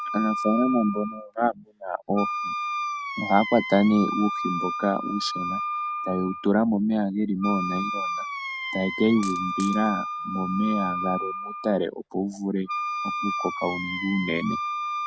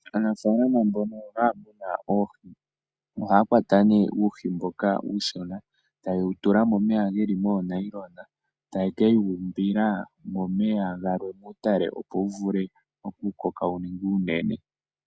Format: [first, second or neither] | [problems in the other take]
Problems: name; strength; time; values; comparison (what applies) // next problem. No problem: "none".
second | background sound (Coin (dropping) + Wind instrument, woodwind instrument); 5 dB below the speech